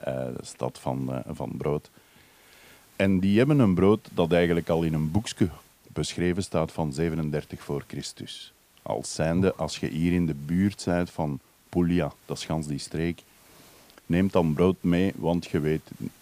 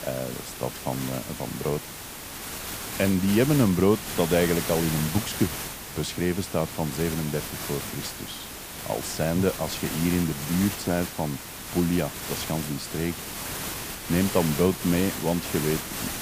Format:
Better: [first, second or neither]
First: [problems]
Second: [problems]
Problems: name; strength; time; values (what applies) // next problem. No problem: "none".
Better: first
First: hiss; faint; throughout; 30 dB below the speech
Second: hiss; loud; throughout; 6 dB below the speech